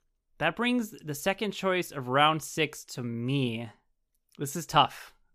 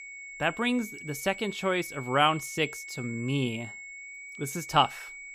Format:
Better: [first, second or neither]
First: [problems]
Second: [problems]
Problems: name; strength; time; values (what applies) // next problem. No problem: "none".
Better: first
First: none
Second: high-pitched whine; noticeable; throughout; 2 kHz, 10 dB below the speech